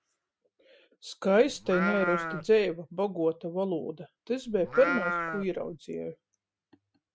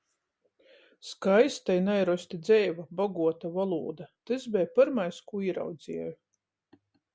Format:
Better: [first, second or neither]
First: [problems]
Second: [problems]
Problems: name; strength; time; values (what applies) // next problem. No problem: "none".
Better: second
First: noise reduction (neural mask model RNNoise)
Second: none